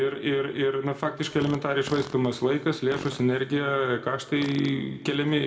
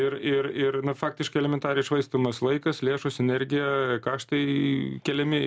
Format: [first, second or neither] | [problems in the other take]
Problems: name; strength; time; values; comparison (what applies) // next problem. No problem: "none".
second | background sound (Fart); 18 dB below the speech // room echo; dies away in 1.6 s